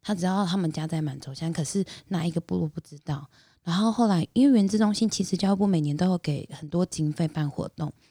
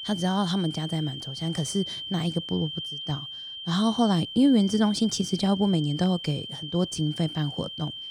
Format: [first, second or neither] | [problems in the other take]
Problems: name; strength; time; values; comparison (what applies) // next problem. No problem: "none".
first | high-pitched whine; loud; throughout; 3 kHz, 8 dB below the speech